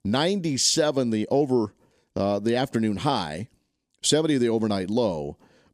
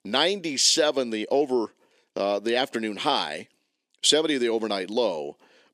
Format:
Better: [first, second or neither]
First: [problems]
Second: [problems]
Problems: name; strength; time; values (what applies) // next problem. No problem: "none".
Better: first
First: none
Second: thin; somewhat; fading below 400 Hz